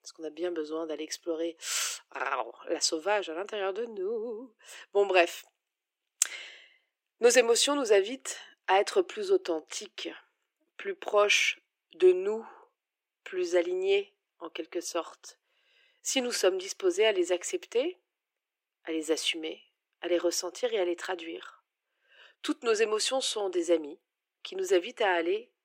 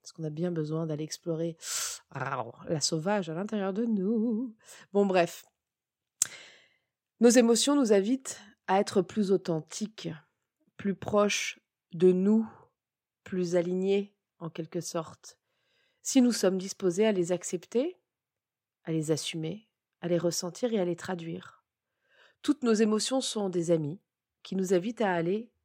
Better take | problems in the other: second | thin; very; fading below 350 Hz

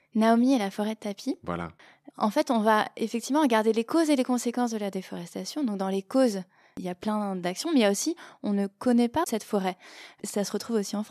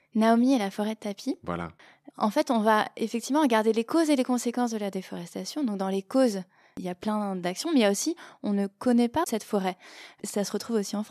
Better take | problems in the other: neither | none

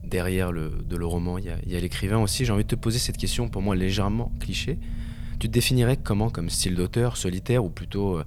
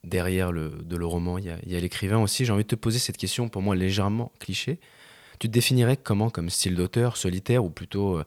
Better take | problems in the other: second | low rumble; faint; throughout; 20 dB below the speech

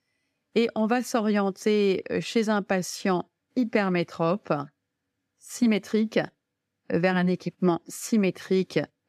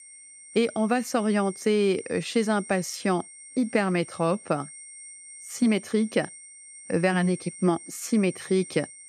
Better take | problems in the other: first | high-pitched whine; noticeable; throughout; 8.5 kHz, 15 dB below the speech

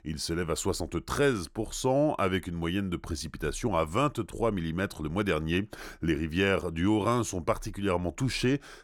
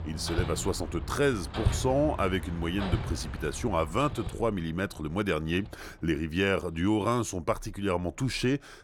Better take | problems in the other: first | machinery noise; loud; throughout; 7 dB below the speech

